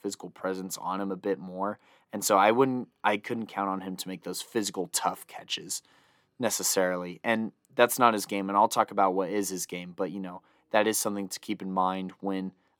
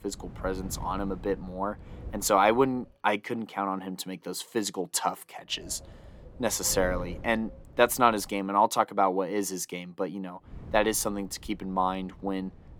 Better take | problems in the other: first | wind noise on the microphone; occasional gusts; until 3 s, from 5.5 to 8.5 s and from 11 s on; 25 dB below the speech

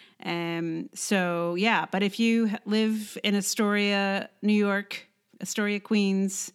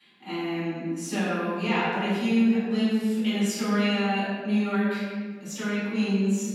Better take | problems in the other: first | off-mic speech; far // room echo; strong; dies away in 1.7 s

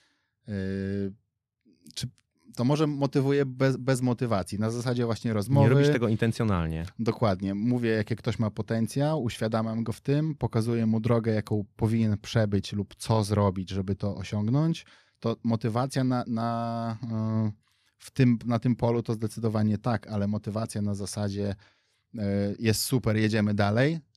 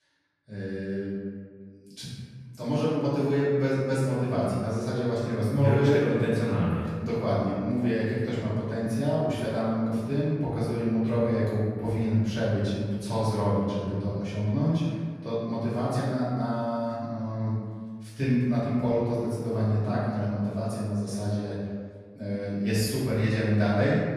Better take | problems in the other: first | room echo; strong; dies away in 1.5 s // off-mic speech; far

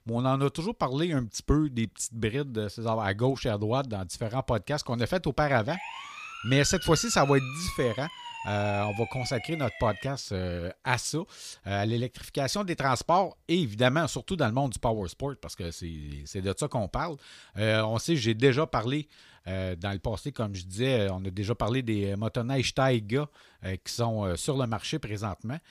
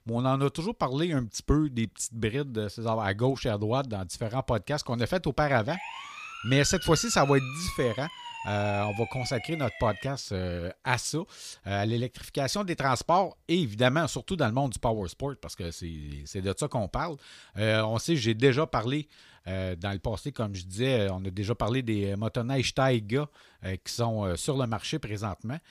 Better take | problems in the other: neither | siren; noticeable; from 5.5 to 10 s; peak 8 dB below the speech; the same in both

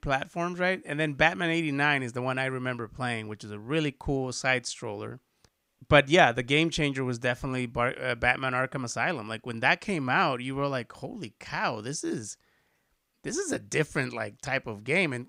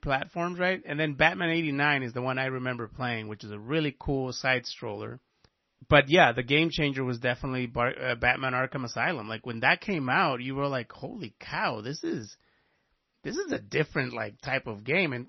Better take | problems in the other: first | garbled, watery; slightly; nothing above 6 kHz

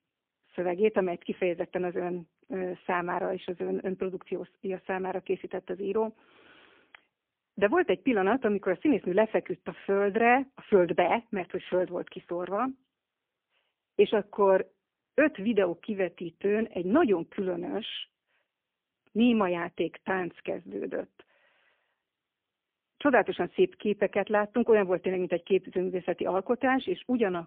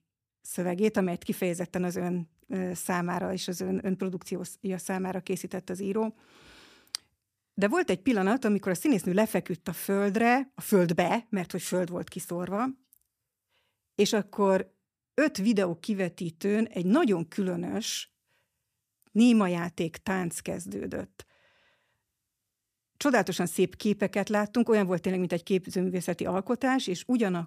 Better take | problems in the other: second | phone-call audio; poor line; nothing above 3.5 kHz

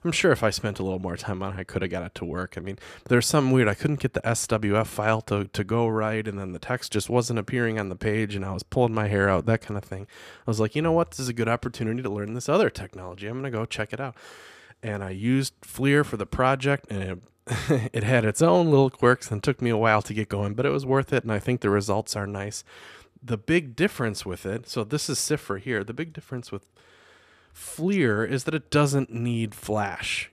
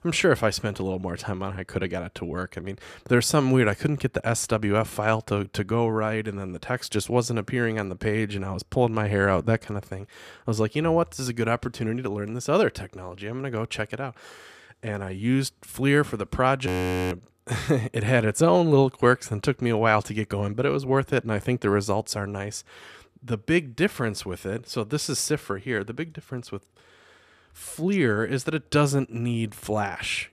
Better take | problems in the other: first | audio freezing; at 17 s

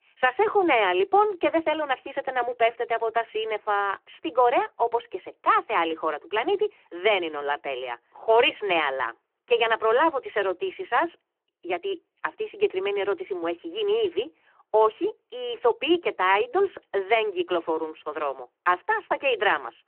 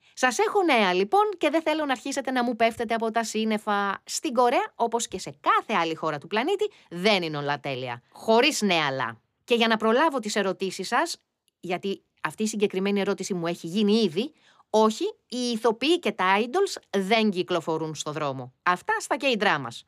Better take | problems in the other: second | phone-call audio; nothing above 3 kHz

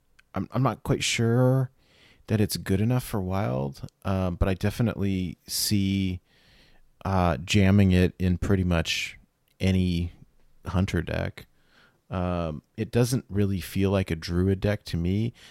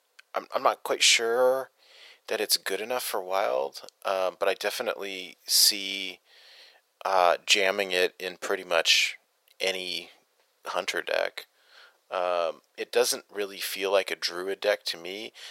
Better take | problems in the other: first | thin; very; fading below 500 Hz

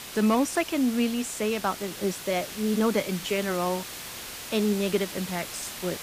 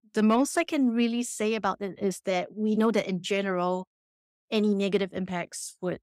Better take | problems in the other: second | hiss; loud; throughout; 9 dB below the speech

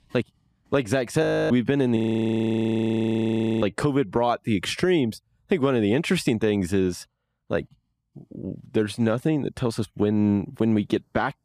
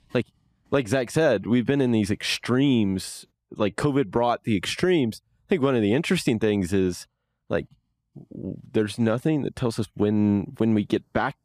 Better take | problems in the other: second | audio freezing; at 1 s and at 2 s for 1.5 s

